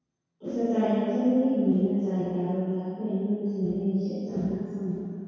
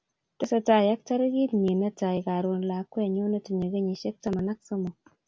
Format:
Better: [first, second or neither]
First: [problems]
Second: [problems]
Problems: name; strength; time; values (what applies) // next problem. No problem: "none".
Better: second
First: room echo; dies away in 2 s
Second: none